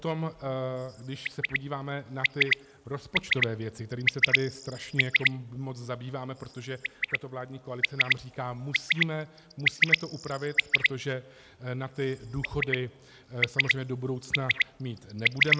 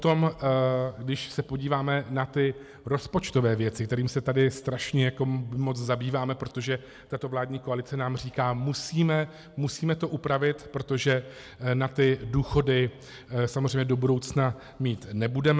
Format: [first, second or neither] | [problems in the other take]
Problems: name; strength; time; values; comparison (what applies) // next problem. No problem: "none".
second | background sound (Bird); 4 dB above the speech